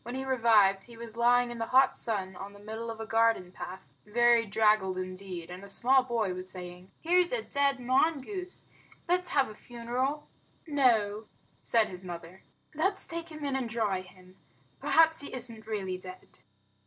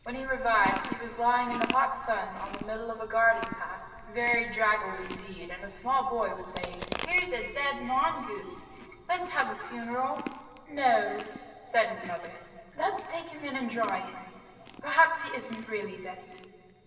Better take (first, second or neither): first